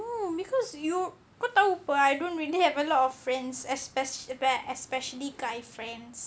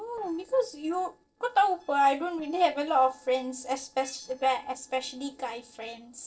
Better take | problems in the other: first | noise reduction (neural separator model SepFormer DNS4)

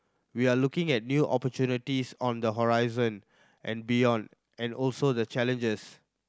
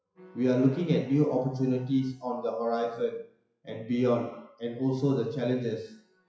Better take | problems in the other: first | noise reduction (classical method WPE with log-MMSE)

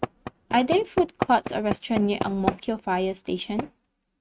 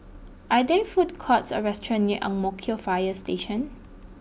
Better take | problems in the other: second | noise reduction (neural mask model RNNoise)

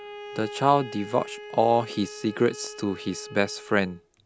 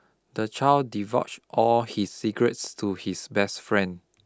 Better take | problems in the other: second | background sound (Bowed string instrument); 15 dB below the speech

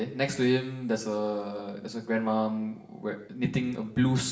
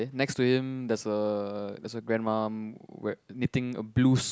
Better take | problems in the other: second | room echo; dies away in 1.1 s

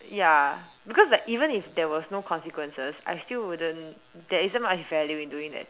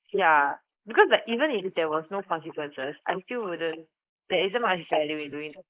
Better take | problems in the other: first | noise reduction (neural mask model Resemble Enhance denoiser)

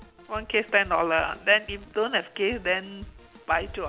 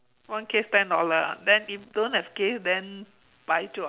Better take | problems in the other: second | background sound (Drum kit); 18 dB below the speech

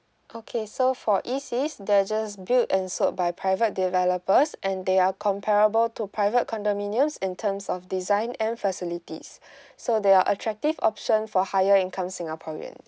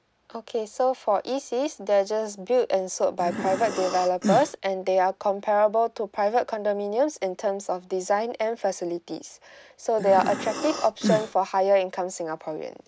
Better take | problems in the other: first | background sound (Breathing); 5 dB below the speech

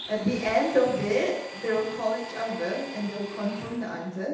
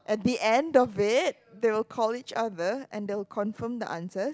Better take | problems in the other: second | background sound (Domestic sounds, home sounds); 14 dB below the speech // room echo; dies away in 0.9 s

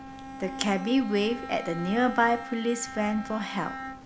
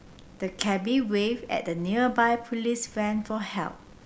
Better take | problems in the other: second | background sound (Bowed string instrument); 11 dB below the speech

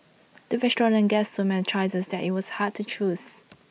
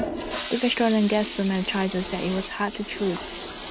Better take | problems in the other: first | background sound (Toilet flush); 8 dB below the speech

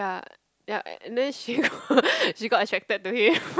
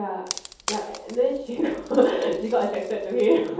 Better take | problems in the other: first | background sound (Wood); 15 dB below the speech // room echo; dies away in 0.7 s

